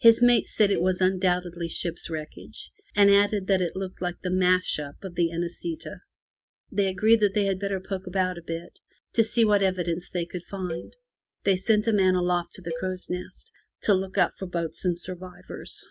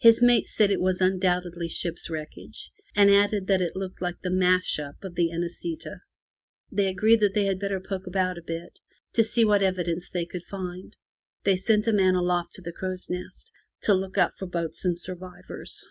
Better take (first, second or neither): second